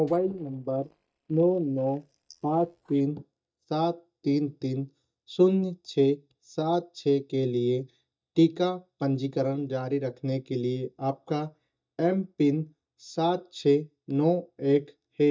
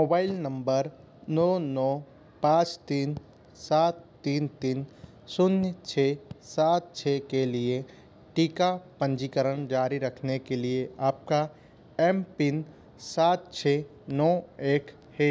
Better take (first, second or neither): second